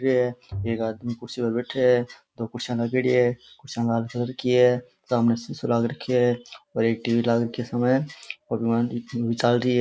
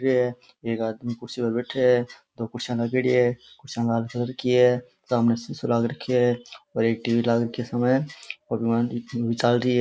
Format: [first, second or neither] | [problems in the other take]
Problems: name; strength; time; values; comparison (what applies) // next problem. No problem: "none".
second | background sound (Bowed string instrument); 13 dB below the speech